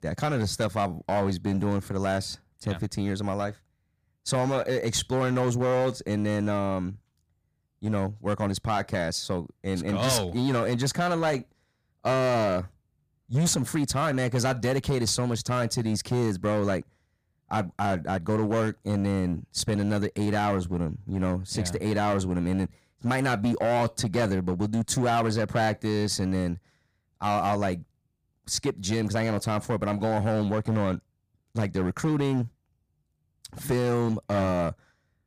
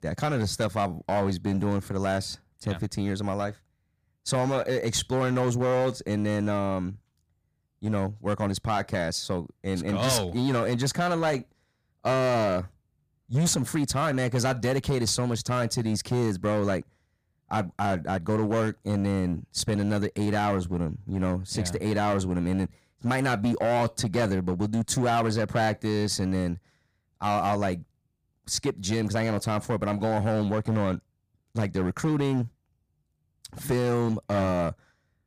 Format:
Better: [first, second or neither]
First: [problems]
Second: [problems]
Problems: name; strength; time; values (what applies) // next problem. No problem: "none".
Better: neither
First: distortion; slight; 9% of the sound clipped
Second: distortion; slight; 9% of the sound clipped